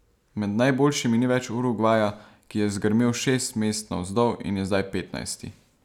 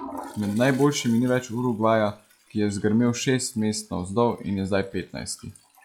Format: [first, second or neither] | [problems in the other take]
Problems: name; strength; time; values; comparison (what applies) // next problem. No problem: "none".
first | noise reduction (classical method log-MMSE)